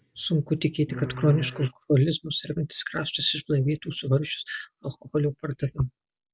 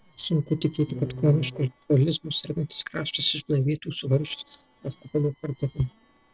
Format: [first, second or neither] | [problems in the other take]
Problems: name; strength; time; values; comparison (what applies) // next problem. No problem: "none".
first | noise reduction (neural separator model SepFormer DNS4)